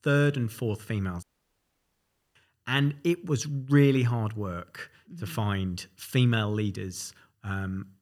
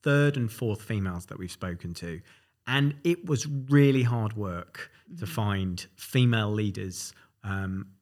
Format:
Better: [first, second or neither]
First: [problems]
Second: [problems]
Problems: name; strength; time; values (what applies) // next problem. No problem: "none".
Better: second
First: audio cutting out; at 1 s for 1 s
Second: none